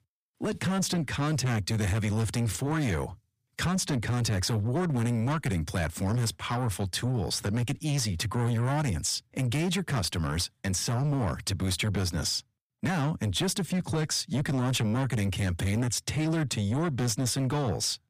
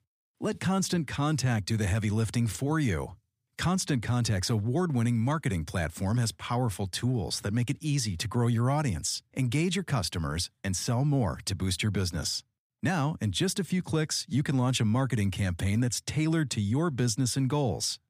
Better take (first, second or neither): second